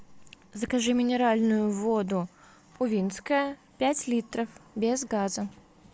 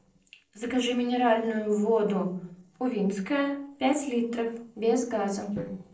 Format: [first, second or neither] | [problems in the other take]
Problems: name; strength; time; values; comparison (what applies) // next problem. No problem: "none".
first | noise reduction (neural separator model SepFormer DNS4)